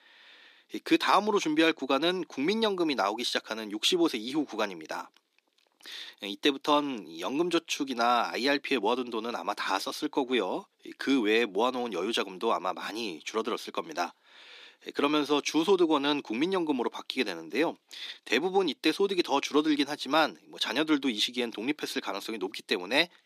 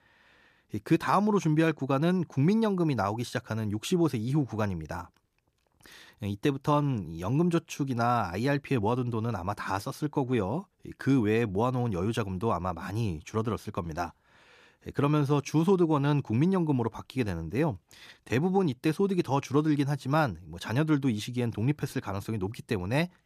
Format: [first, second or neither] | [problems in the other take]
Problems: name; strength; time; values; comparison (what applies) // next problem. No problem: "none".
second | thin; somewhat; fading below 250 Hz